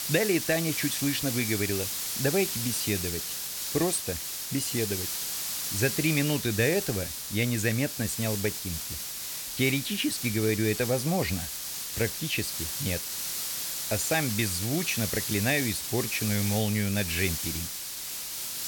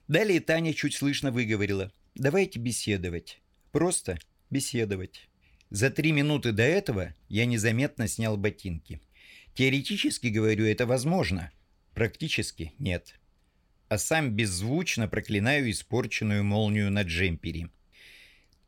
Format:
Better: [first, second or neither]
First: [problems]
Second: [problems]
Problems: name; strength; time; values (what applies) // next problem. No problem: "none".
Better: second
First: hiss; loud; throughout; 2 dB below the speech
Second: none